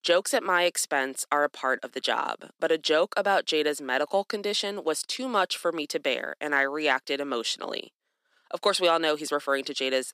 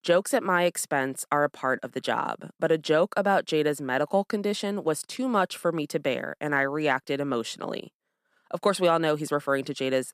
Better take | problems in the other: second | thin; very slightly; fading below 300 Hz

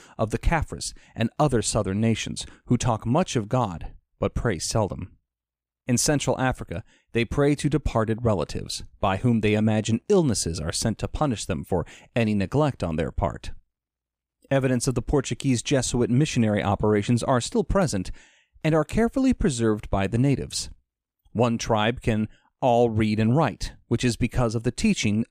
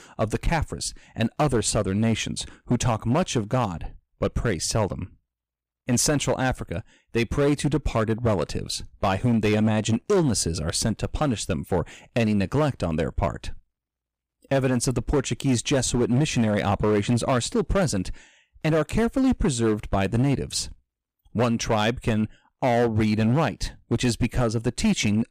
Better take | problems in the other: first | distortion; slight; 7% of the sound clipped

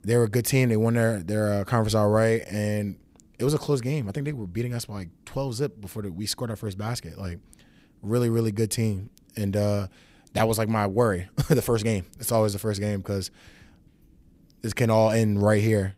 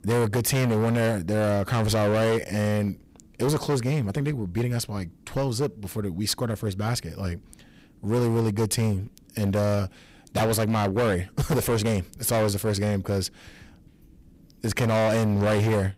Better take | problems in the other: first | distortion; heavy; 16% of the sound clipped

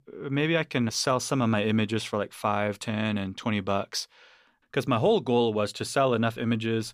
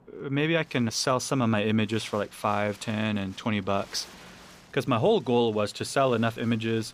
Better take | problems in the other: first | wind noise on the microphone; occasional gusts; 25 dB below the speech

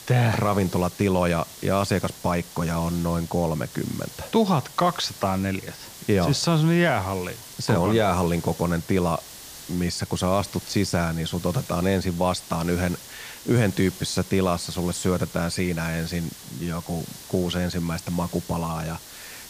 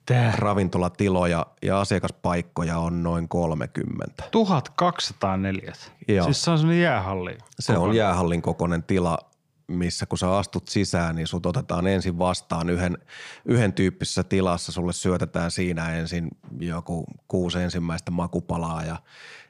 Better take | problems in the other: second | hiss; noticeable; throughout; 15 dB below the speech

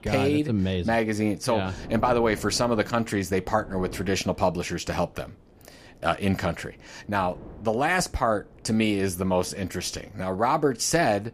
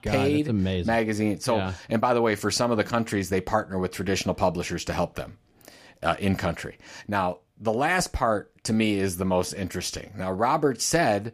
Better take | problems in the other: second | wind noise on the microphone; occasional gusts; 25 dB below the speech

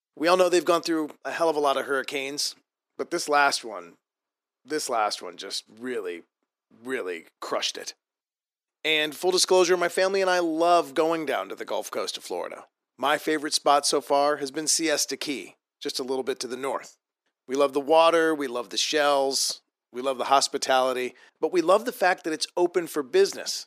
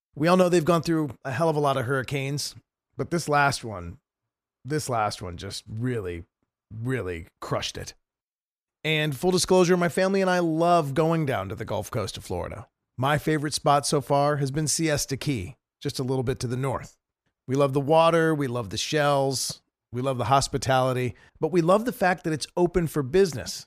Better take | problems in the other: second | thin; somewhat; fading below 300 Hz

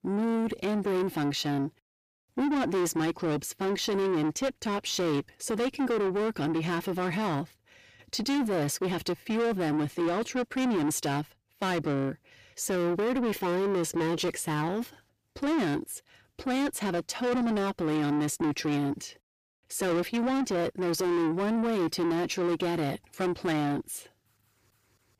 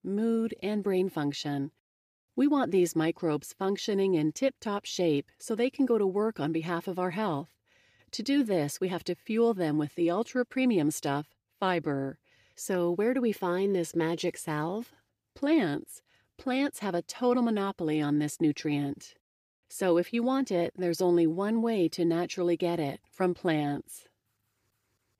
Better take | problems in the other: second | distortion; heavy; 8 dB below the speech

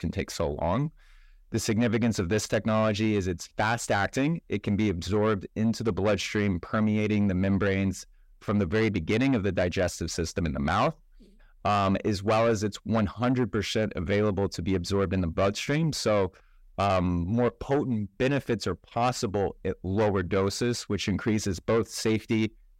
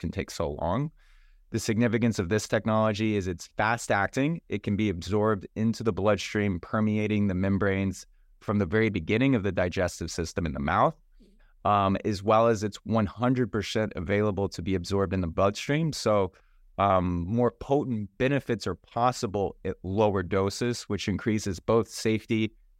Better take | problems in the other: second | distortion; slight; 10 dB below the speech

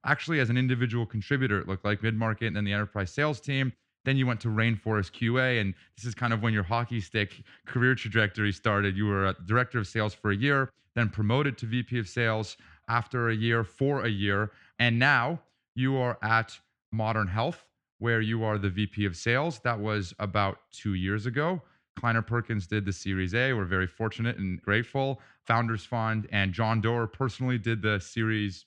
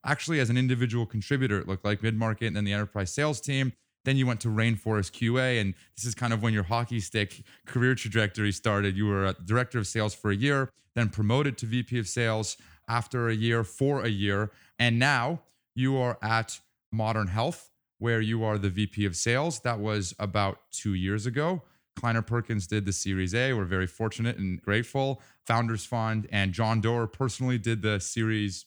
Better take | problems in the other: second | muffled; slightly; fading above 3.5 kHz

